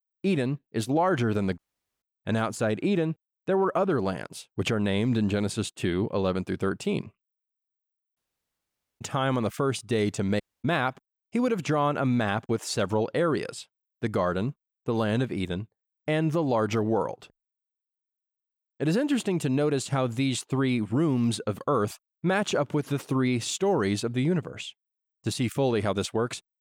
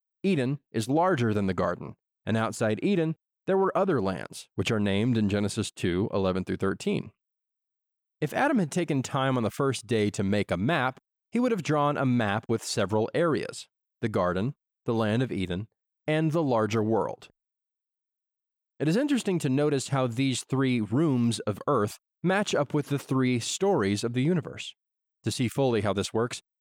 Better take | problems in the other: second | audio cutting out; at 1.5 s, at 8 s for 1 s and at 10 s

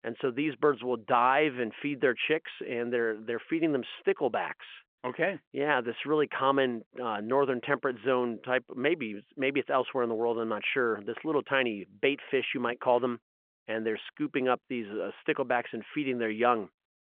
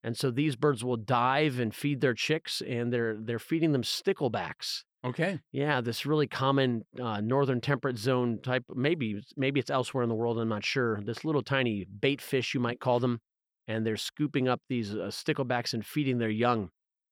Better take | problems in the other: second | phone-call audio; nothing above 3.5 kHz

